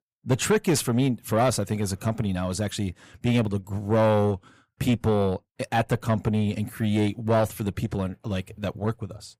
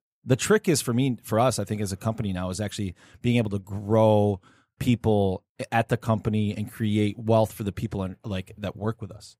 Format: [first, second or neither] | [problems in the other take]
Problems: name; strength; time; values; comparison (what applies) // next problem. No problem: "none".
second | distortion; slight; 9 dB below the speech